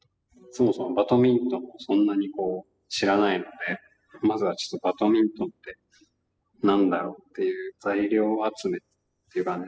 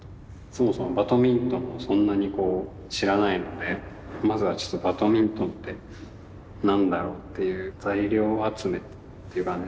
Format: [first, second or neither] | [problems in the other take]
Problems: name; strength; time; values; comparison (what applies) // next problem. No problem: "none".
second | noise reduction (classical method spectral subtraction)